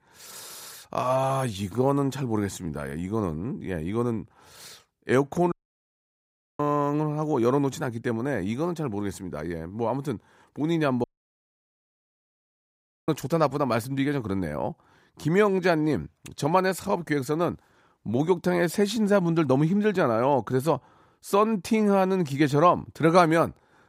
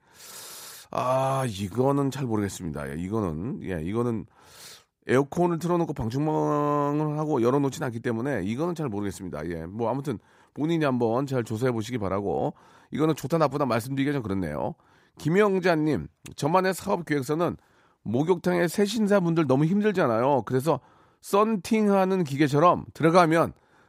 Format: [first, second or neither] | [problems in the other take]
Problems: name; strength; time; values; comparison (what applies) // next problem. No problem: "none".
second | audio cutting out; at 5.5 s for 1 s and at 11 s for 2 s